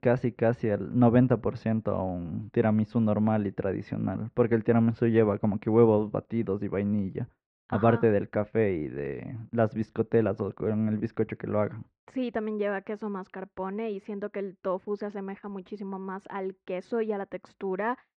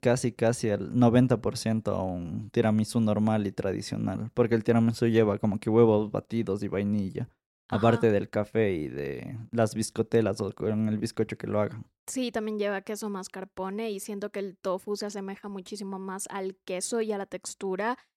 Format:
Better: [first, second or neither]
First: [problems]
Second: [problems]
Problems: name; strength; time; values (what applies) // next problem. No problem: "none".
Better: second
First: muffled; very; fading above 2.5 kHz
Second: none